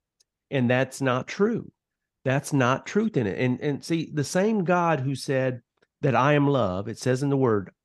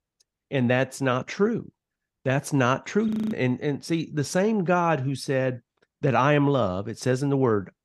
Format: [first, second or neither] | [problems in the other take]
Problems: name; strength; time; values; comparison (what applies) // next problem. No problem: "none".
first | audio freezing; at 3 s